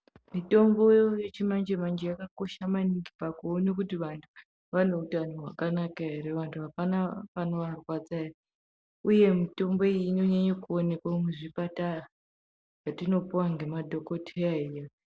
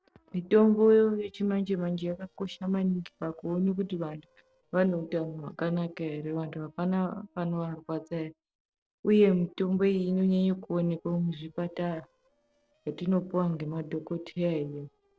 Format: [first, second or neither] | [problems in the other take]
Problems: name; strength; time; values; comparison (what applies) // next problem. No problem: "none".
first | noise reduction (neural separator model SepFormer DNS4)